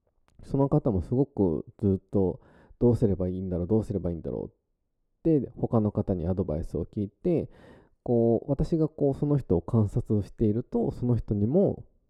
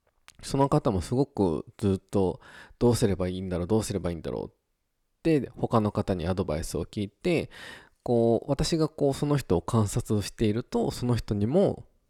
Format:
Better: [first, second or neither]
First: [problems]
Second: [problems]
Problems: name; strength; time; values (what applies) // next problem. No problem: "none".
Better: second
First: muffled; very; fading above 1 kHz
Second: none